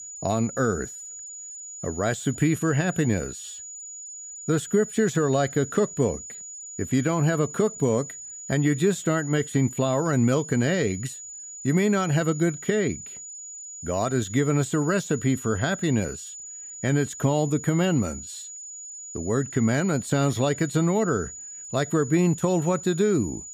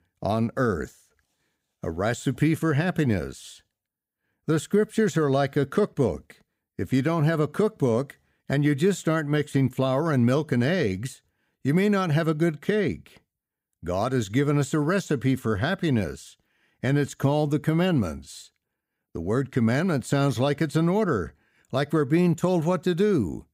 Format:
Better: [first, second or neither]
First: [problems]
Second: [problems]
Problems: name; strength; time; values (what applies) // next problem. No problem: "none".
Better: second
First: high-pitched whine; noticeable; throughout; 7 kHz, 10 dB below the speech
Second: none